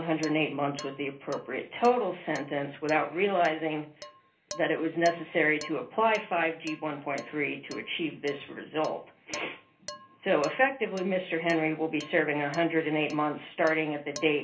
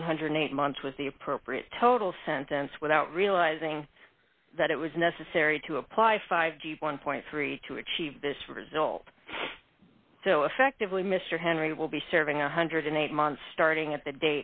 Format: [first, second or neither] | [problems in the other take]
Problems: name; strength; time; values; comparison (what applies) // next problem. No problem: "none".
second | background sound (Dishes, pots, and pans); 19 dB below the speech // room echo; dies away in 0.3 s